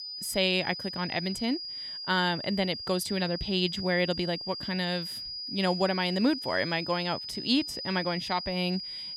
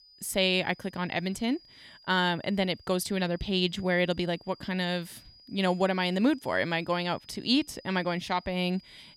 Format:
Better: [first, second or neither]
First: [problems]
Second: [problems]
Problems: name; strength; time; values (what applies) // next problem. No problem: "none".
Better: second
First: high-pitched whine; loud; throughout; 5 kHz, 6 dB below the speech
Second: high-pitched whine; faint; throughout; 5 kHz, 25 dB below the speech